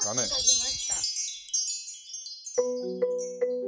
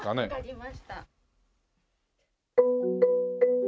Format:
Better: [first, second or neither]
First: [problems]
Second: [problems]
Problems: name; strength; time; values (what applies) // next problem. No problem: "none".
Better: second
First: background sound (Wind chime); 3 dB above the speech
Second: none